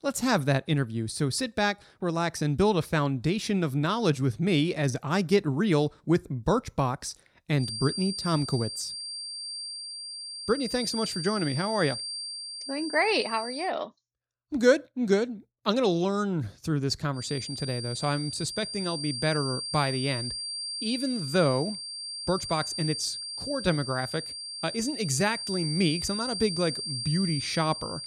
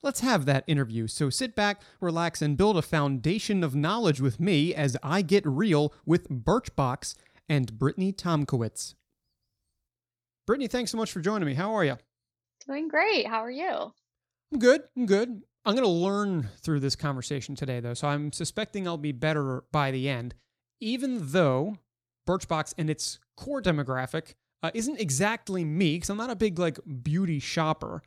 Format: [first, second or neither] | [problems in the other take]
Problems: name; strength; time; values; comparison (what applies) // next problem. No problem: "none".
second | high-pitched whine; loud; from 7.5 to 14 s and from 17 s on; 4.5 kHz, 5 dB below the speech